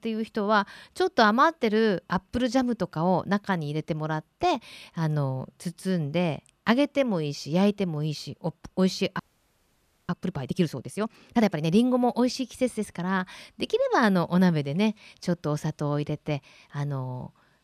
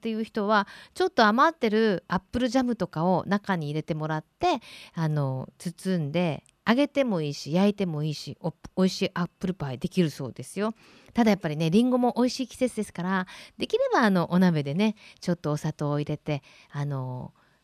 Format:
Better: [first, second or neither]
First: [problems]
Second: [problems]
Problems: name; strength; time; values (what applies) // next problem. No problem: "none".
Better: second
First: audio freezing; at 9 s for 1 s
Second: none